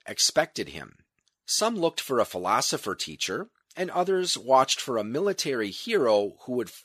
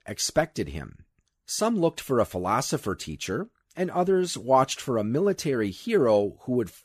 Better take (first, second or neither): second